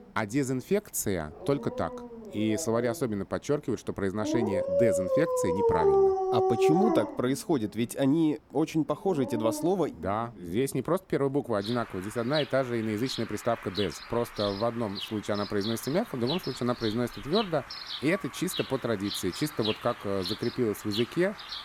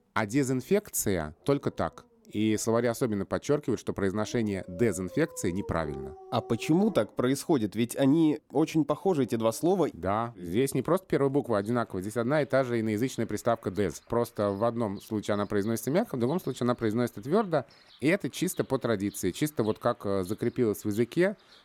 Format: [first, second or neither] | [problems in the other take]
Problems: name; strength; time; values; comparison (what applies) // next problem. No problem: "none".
second | animal sounds; loud; throughout; 2 dB below the speech; faint in the second